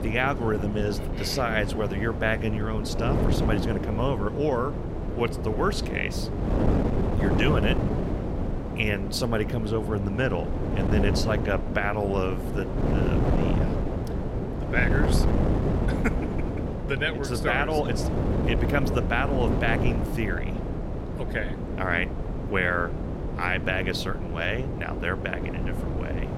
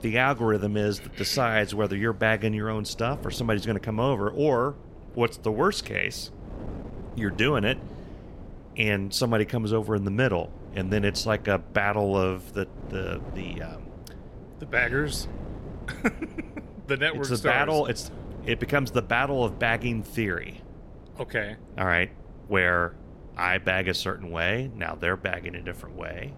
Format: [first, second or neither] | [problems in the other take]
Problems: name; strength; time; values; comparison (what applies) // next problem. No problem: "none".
second | wind noise on the microphone; heavy; 5 dB below the speech; occasional gusts in the second